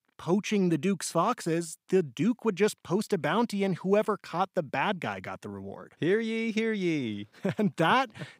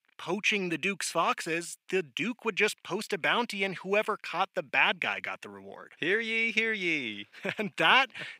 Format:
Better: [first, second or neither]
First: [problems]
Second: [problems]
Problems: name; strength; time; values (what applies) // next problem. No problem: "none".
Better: first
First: none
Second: thin; somewhat; fading below 500 Hz